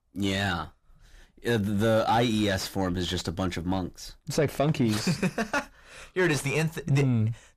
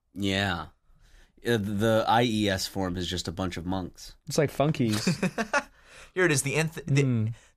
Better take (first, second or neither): second